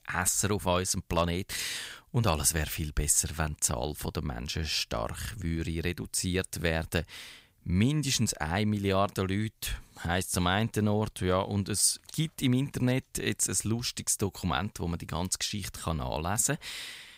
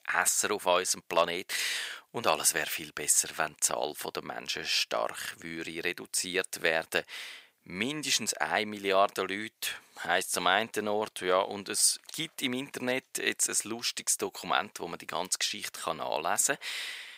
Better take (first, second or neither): first